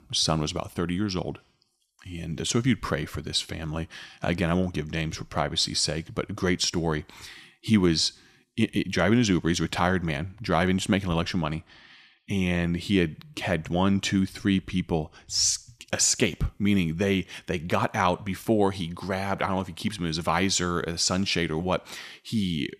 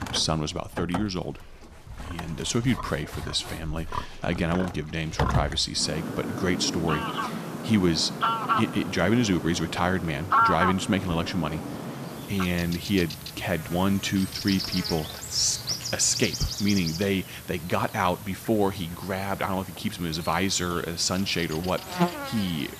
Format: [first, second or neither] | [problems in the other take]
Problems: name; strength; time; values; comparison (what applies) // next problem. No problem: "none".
first | animal sounds; loud; throughout; 5 dB below the speech